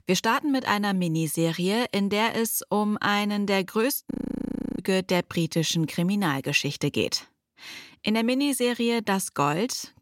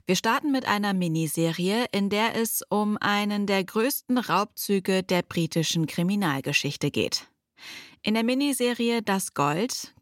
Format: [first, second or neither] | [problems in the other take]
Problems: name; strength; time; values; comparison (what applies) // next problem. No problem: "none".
second | audio freezing; at 4 s for 0.5 s